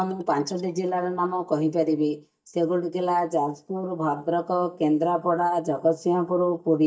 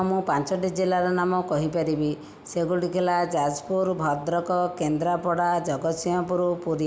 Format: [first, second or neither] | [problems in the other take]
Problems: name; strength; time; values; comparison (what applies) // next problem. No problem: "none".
second | noise reduction (neural mask model DeepFilterNet 3)